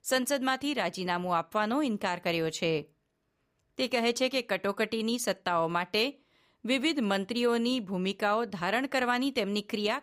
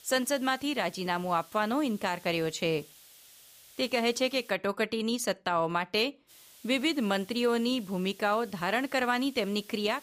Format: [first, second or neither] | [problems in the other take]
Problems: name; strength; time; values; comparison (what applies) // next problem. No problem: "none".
first | hiss; faint; until 4.5 s and from 6.5 s on; 25 dB below the speech